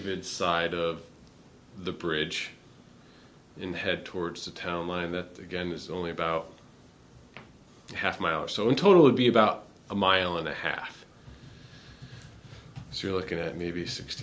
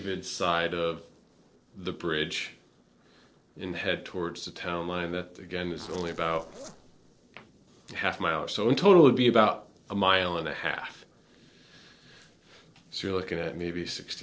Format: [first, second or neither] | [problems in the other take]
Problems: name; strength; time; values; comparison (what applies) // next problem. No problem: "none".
first | noise reduction (neural separator model SepFormer DNS4)